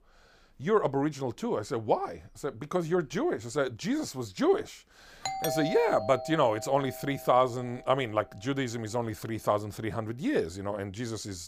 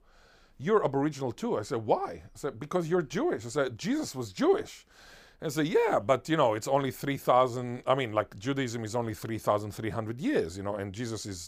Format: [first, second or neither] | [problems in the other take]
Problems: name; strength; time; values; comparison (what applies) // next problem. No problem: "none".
second | doorbell; noticeable; from 5.5 to 7.5 s; peak 2 dB below the speech